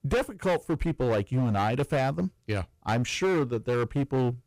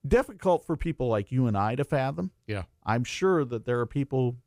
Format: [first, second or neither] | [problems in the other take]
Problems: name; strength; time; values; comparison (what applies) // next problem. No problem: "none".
second | distortion; heavy; 15% of the sound clipped